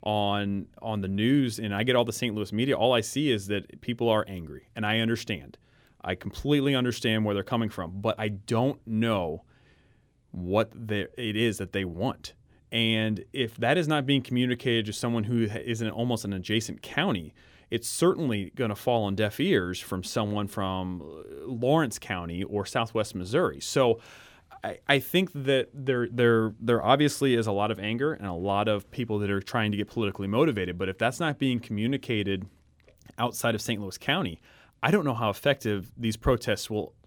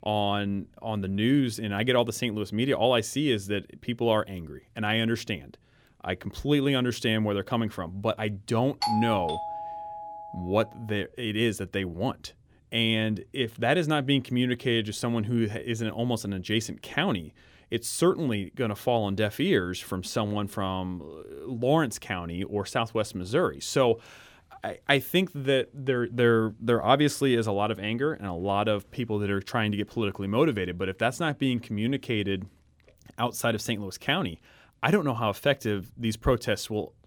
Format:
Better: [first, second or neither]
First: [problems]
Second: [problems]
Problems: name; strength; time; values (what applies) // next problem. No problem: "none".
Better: first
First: none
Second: doorbell; noticeable; from 9 to 10 s; peak 1 dB below the speech